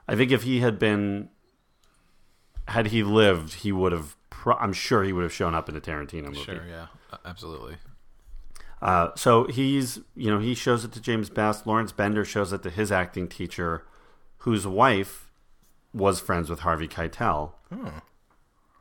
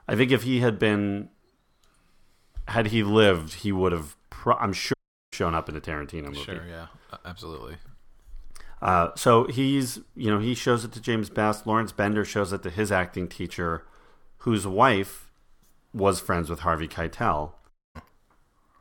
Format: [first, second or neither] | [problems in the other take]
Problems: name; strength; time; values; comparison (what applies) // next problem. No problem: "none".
first | audio cutting out; at 5 s and at 18 s